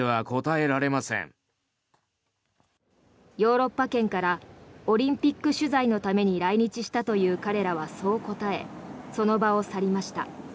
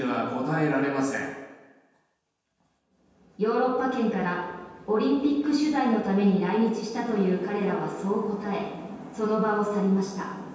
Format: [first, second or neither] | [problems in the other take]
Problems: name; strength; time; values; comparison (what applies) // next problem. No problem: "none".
first | room echo; dies away in 1.2 s